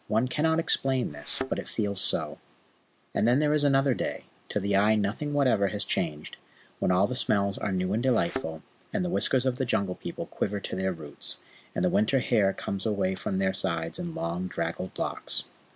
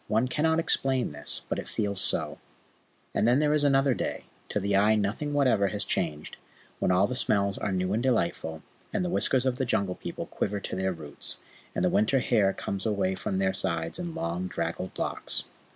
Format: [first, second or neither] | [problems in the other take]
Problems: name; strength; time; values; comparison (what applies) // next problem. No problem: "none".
second | background sound (Thump, thud); 11 dB below the speech